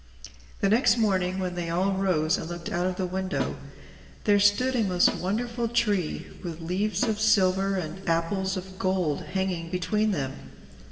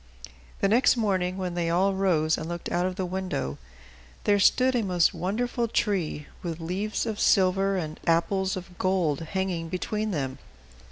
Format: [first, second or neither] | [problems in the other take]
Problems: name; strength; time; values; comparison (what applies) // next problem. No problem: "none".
second | background sound (Snare drum); 13 dB below the speech // room echo; dies away in 3 s